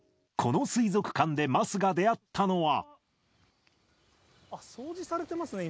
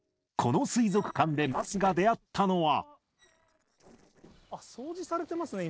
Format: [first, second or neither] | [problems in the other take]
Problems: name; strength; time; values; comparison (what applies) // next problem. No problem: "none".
first | noise reduction (neural separator model SepFormer DNS4)